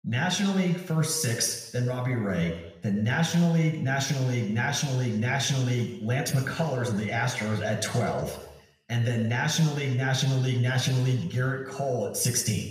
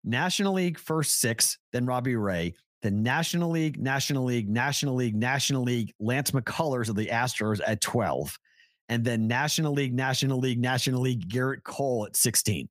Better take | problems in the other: second | room echo; noticeable; dies away in 0.9 s // off-mic speech; somewhat distant

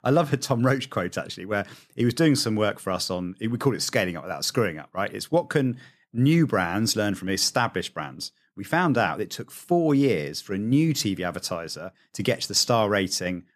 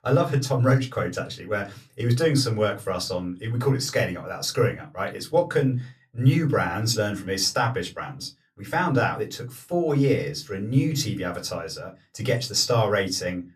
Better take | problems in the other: first | off-mic speech; somewhat distant // room echo; very slight; dies away in 0.2 s

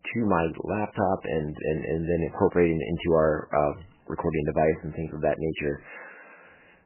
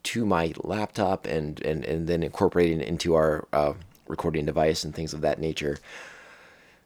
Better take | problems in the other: second | garbled, watery; badly; nothing above 3 kHz

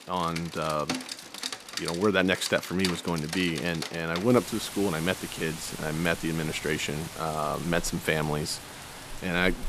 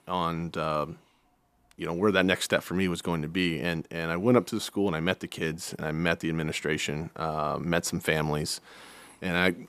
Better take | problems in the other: second | rain or running water; loud; throughout; 9 dB below the speech

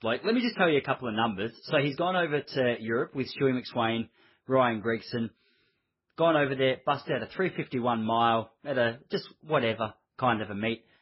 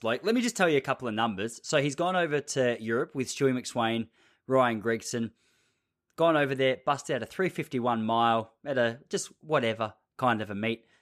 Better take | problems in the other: second | garbled, watery; badly; nothing above 5.5 kHz

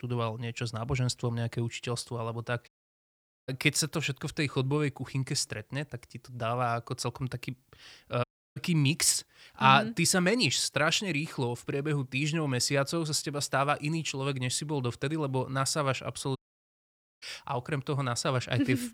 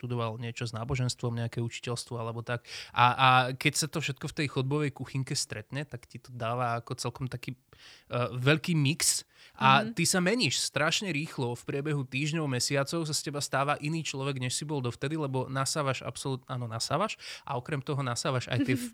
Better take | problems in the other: second | audio cutting out; at 2.5 s for 1 s, at 8 s and at 16 s for 1 s

